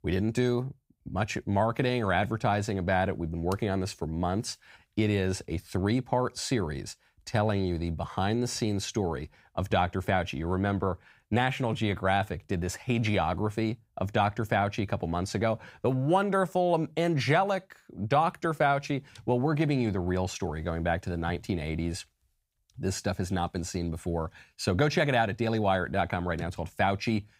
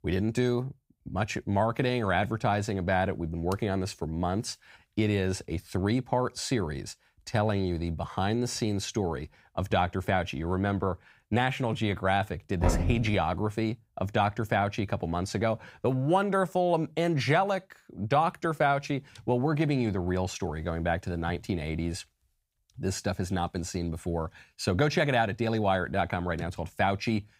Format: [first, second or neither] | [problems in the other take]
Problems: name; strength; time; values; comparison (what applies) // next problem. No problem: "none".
first | door banging; loud; at 13 s; peak 1 dB above the speech